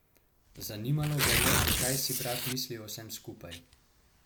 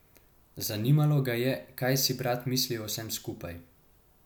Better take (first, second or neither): second